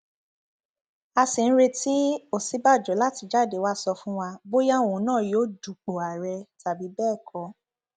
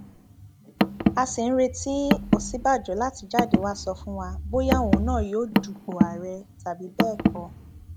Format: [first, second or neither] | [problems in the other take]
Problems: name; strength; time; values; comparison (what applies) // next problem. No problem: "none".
first | background sound (Car); 1 dB above the speech